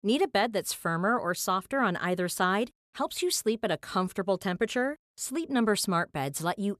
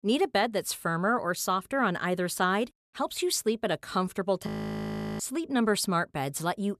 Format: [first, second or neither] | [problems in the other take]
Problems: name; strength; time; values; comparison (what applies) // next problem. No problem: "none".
first | audio freezing; at 4.5 s for 0.5 s